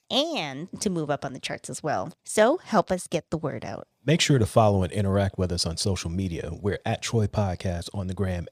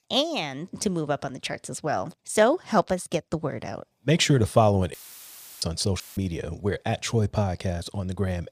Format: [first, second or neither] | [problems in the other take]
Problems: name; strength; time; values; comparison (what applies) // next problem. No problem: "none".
first | audio cutting out; filled with static; at 5 s for 0.5 s and at 6 s